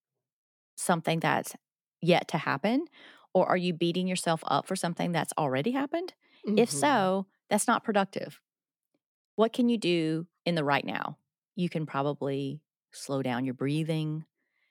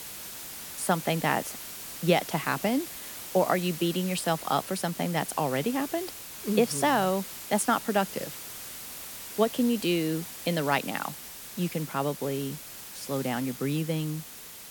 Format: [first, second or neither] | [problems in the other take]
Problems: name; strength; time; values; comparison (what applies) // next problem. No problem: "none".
first | hiss; loud; throughout; 10 dB below the speech